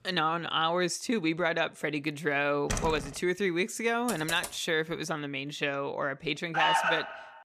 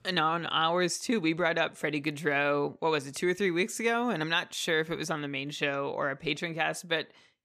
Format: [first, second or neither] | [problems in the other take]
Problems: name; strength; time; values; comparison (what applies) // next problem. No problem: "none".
second | door banging; noticeable; at 2.5 s; peak 4 dB below the speech // keyboard typing; noticeable; at 4 s; peak 8 dB below the speech // alarm; loud; at 6.5 s; peak 4 dB above the speech